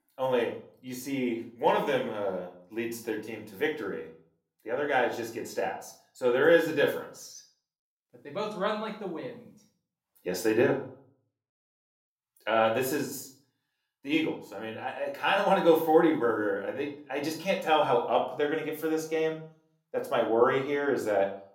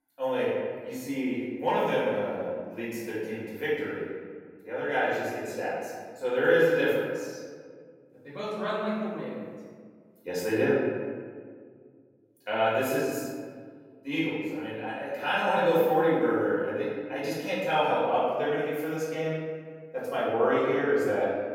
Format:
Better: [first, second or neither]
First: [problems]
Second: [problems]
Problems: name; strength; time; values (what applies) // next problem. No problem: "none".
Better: first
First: room echo; slight; dies away in 0.4 s // off-mic speech; somewhat distant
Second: room echo; strong; dies away in 1.7 s // off-mic speech; far